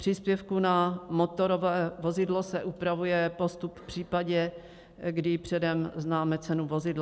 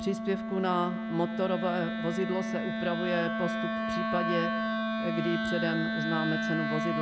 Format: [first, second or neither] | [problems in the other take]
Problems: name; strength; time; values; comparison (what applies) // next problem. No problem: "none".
first | background sound (Wind instrument, woodwind instrument); 1 dB above the speech